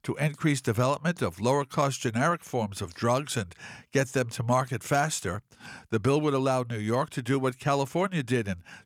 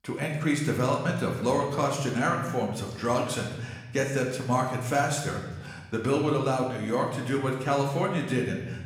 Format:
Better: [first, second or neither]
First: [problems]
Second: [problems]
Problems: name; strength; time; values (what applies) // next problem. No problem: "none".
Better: first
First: none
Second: room echo; noticeable; dies away in 1.1 s // off-mic speech; somewhat distant